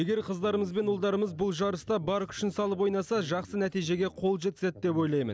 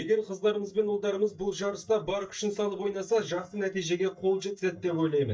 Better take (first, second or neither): first